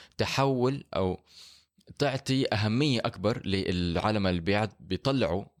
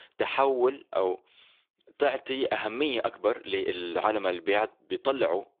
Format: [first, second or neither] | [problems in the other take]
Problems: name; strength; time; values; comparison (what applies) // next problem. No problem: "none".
first | phone-call audio